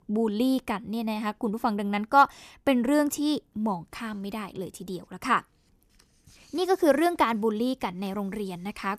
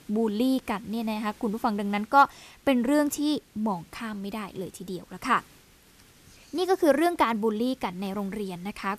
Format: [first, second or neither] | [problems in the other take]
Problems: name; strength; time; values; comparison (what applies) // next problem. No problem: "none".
first | hiss; faint; throughout; 30 dB below the speech